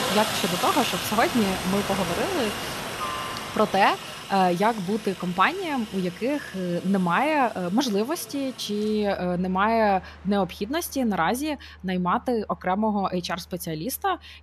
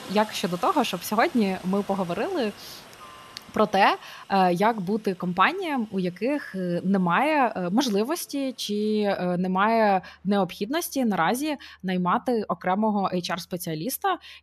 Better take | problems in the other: second | train or aircraft noise; loud; throughout; 6 dB below the speech; faint in the second

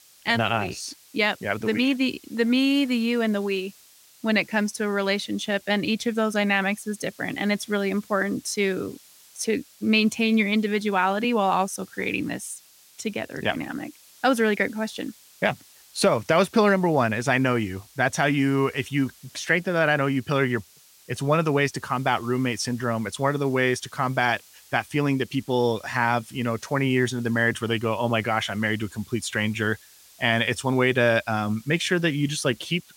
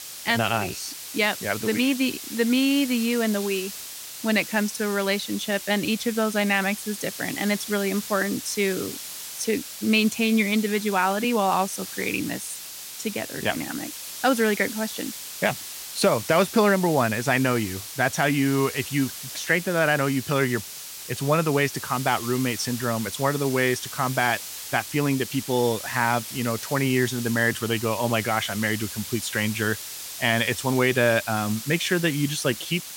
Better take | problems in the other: first | hiss; loud; throughout; 9 dB below the speech; faint in the first

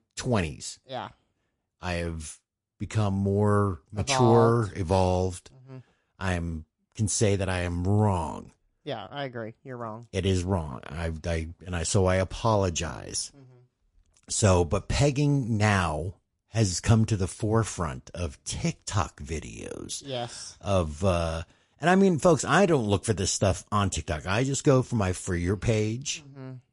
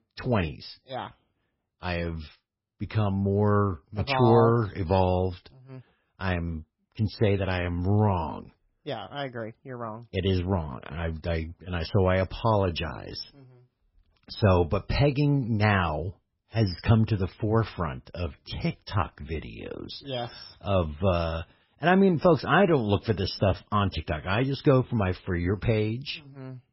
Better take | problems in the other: first | garbled, watery; badly; nothing above 5.5 kHz; slightly in the first

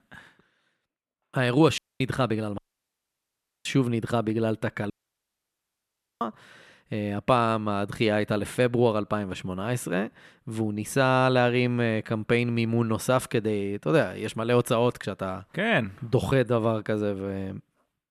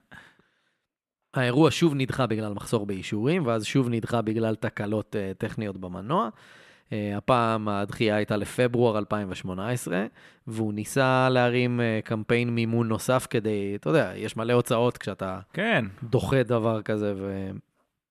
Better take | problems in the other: second | audio cutting out; at 2 s, at 2.5 s for 1 s and at 5 s for 1.5 s

